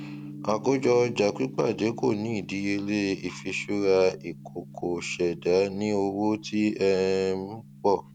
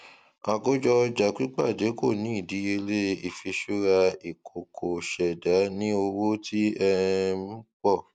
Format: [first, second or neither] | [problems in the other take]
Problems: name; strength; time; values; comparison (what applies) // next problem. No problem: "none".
second | background sound (Gong); 17 dB below the speech